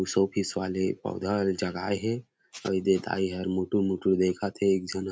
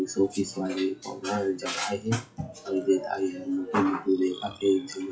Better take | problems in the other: first | noise reduction (classical method WPE with log-MMSE)

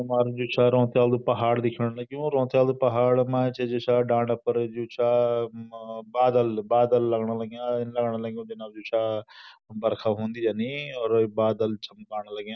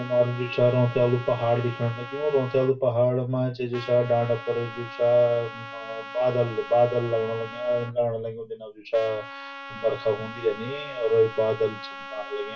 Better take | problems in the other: first | background sound (Trumpet); 14 dB below the speech // room echo; dies away in 0.2 s

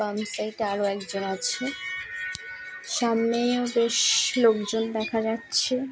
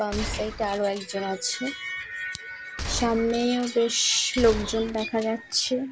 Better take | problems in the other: first | background sound (Gunshot, gunfire); 10 dB below the speech

